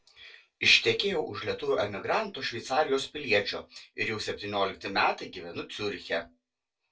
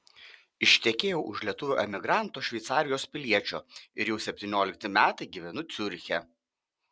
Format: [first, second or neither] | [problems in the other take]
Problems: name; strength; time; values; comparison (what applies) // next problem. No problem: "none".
second | room echo; dies away in 0.2 s